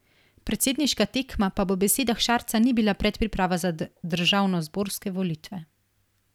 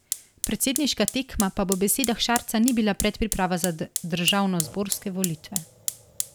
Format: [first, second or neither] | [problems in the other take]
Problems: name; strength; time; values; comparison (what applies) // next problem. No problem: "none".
first | background sound (Fire); 8 dB below the speech